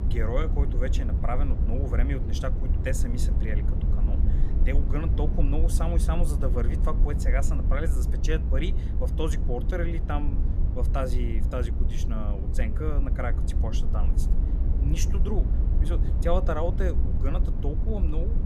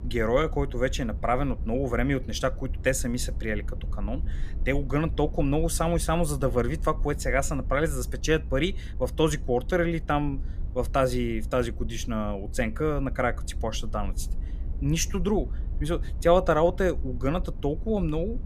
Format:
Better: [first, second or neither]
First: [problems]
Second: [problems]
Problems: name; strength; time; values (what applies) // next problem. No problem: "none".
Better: second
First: low rumble; loud; throughout; 7 dB below the speech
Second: low rumble; faint; throughout; 25 dB below the speech